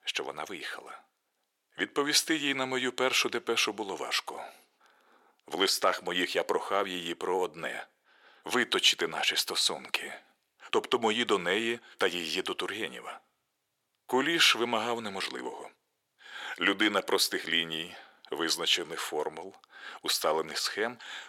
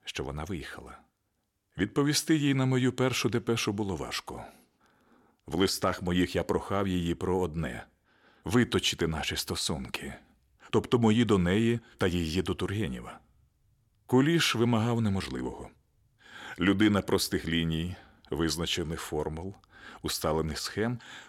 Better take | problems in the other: second | thin; very; fading below 550 Hz

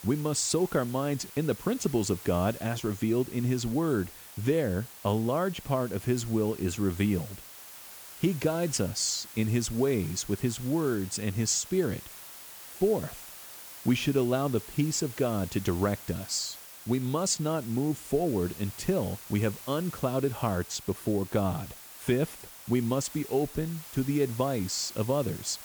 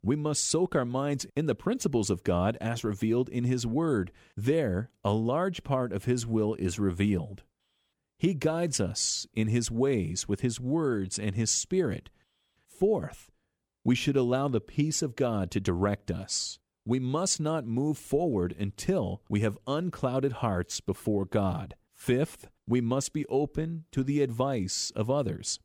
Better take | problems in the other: second | hiss; noticeable; throughout; 15 dB below the speech

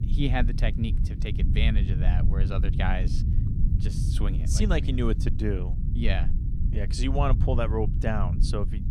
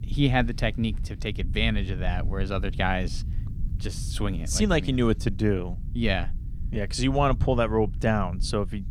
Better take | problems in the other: second | low rumble; loud; throughout; 9 dB below the speech; faint in the second

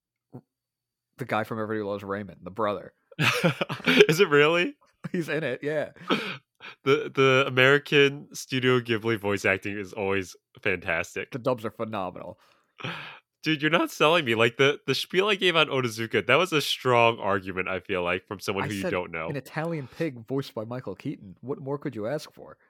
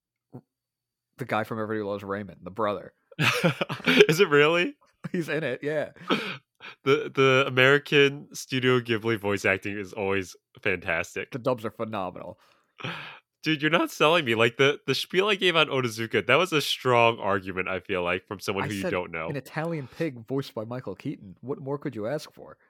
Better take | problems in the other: neither | none

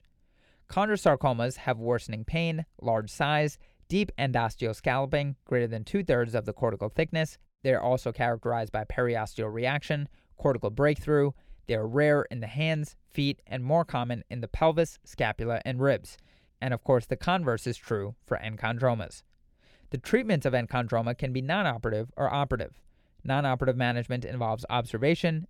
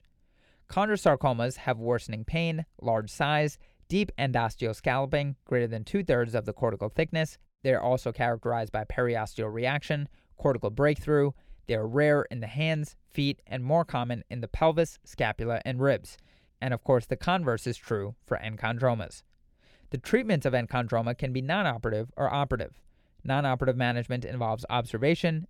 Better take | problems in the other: neither | none

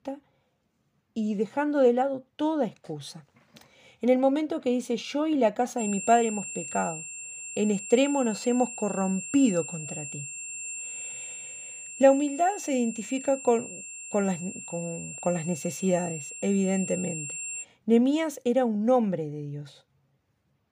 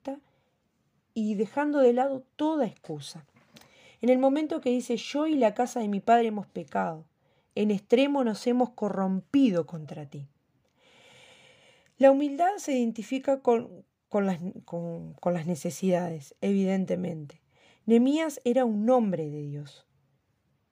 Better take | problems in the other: second | high-pitched whine; loud; from 6 to 18 s; 7.5 kHz, 9 dB below the speech

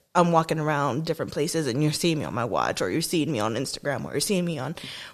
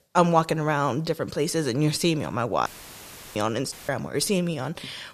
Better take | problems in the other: first | audio cutting out; filled with static; at 2.5 s for 0.5 s and at 3.5 s

